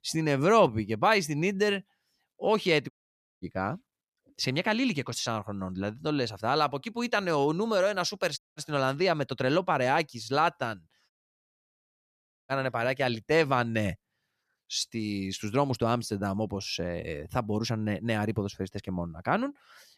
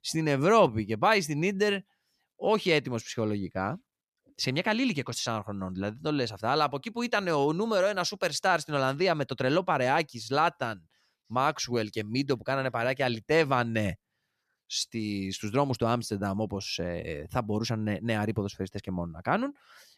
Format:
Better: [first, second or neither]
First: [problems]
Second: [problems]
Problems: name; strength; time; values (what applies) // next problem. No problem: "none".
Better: second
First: audio cutting out; at 3 s for 0.5 s, at 8.5 s and at 11 s for 1.5 s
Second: none